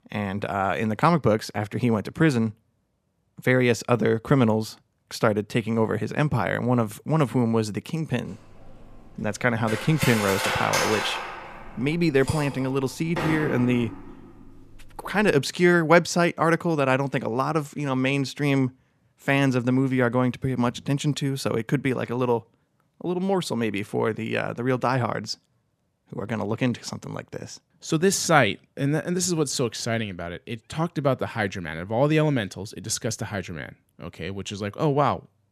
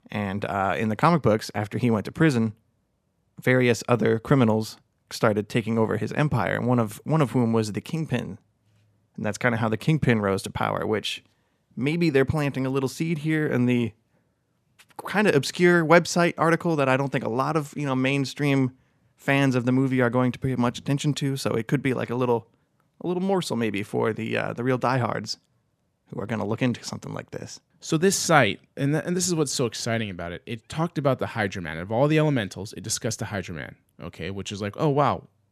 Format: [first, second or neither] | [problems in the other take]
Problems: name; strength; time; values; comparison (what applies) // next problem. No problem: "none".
second | clattering dishes; loud; from 8.5 to 15 s; peak 1 dB above the speech